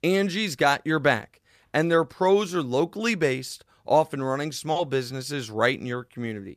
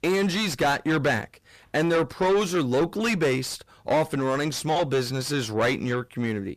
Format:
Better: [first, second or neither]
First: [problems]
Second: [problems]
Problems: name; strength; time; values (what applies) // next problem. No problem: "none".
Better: first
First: none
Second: distortion; heavy; 6 dB below the speech